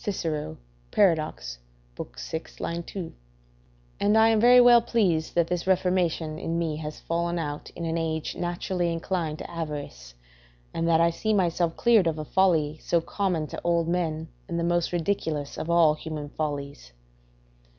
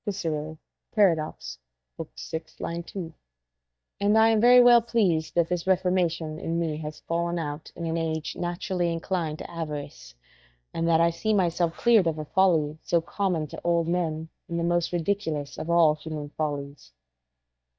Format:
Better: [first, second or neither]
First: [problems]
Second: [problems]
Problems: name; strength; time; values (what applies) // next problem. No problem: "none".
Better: first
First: none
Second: noise reduction (neural mask model DeepFilterNet 3)